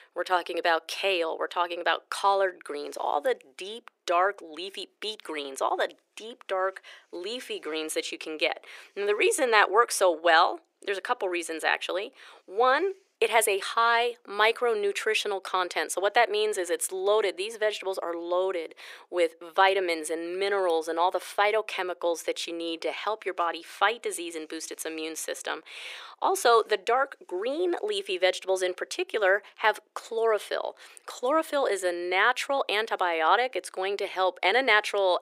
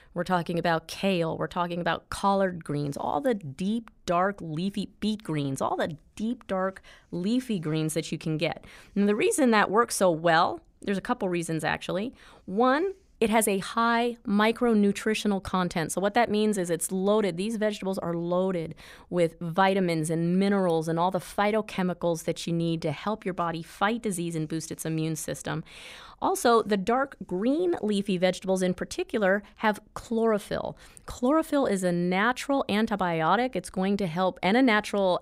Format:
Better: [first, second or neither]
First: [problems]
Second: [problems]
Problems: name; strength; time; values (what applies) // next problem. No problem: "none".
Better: second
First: thin; very; fading below 350 Hz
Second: none